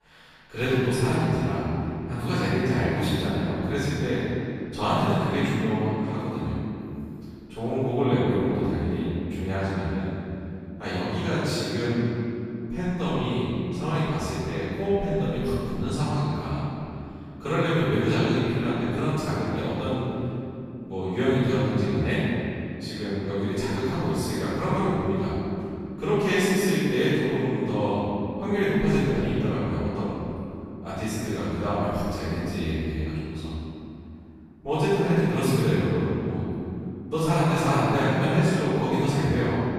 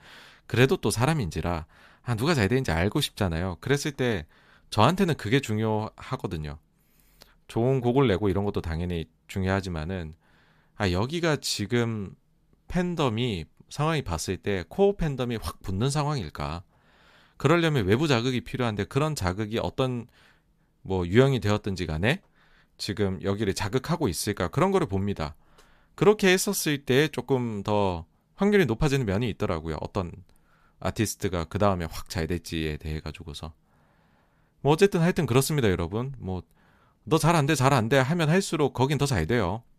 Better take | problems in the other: second | off-mic speech; far // room echo; strong; dies away in 3 s

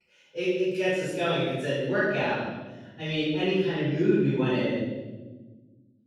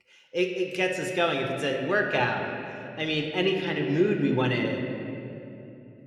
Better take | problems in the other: second | room echo; strong; dies away in 1.3 s; slight in the second // off-mic speech; far

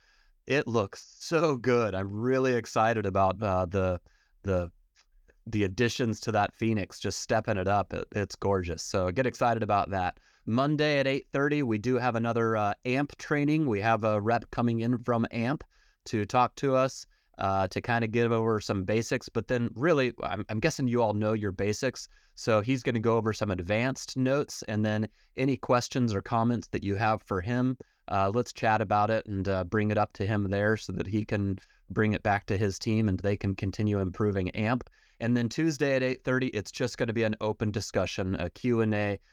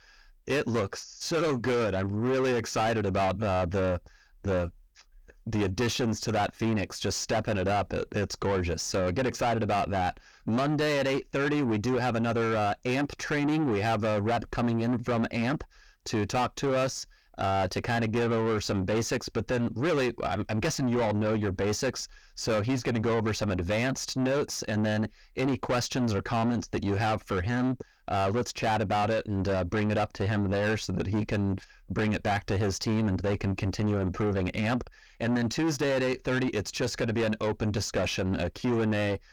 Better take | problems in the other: first | distortion; heavy; 7 dB below the speech

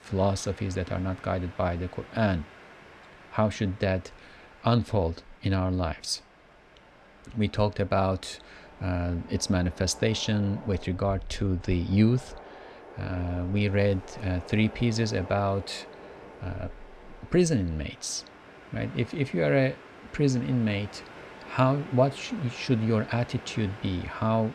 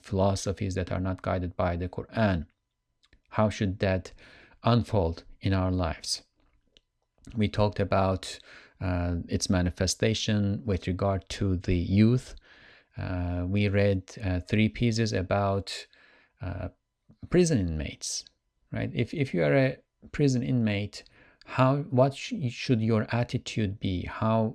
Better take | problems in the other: second | train or aircraft noise; noticeable; throughout; 20 dB below the speech

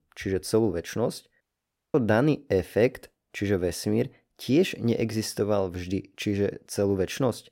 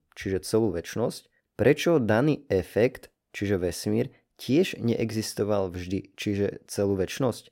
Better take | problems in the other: second | audio cutting out; at 1.5 s for 0.5 s

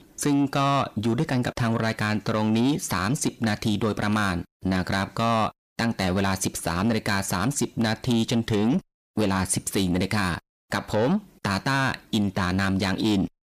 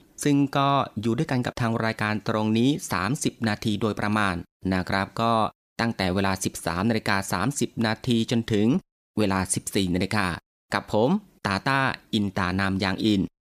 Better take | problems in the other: second | distortion; slight; 10 dB below the speech

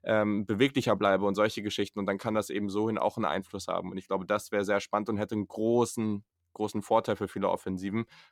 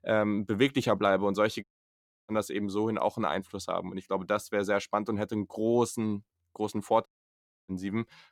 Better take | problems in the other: first | audio cutting out; at 1.5 s for 0.5 s and at 7 s for 0.5 s

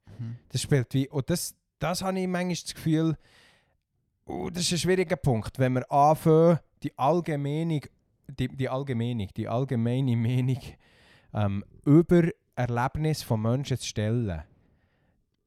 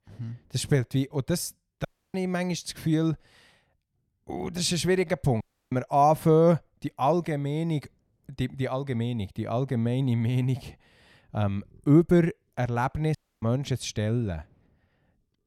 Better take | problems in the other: first | audio cutting out; at 2 s, at 5.5 s and at 13 s

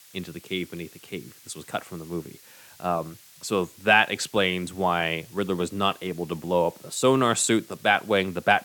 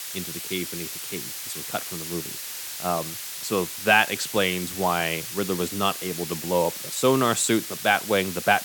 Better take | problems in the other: first | hiss; loud; throughout; 7 dB below the speech; faint in the first

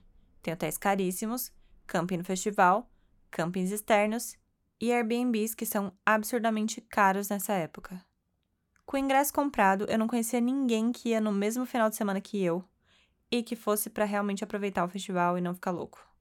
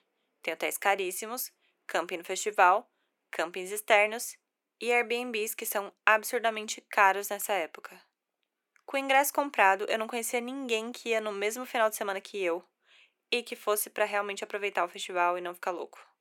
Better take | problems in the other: first | thin; somewhat; fading below 350 Hz

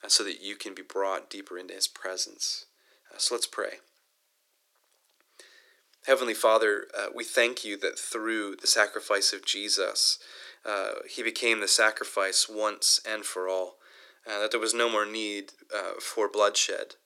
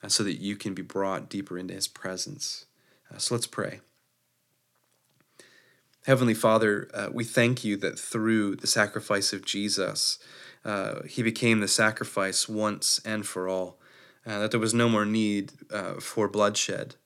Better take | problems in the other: second | thin; very; fading below 350 Hz

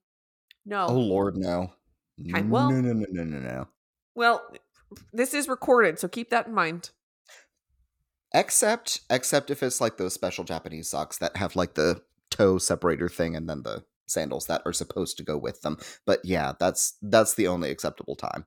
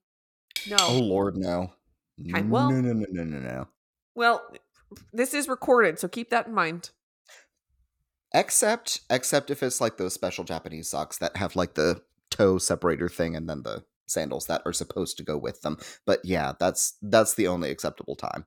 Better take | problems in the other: first | clattering dishes; loud; at 0.5 s; peak 3 dB above the speech

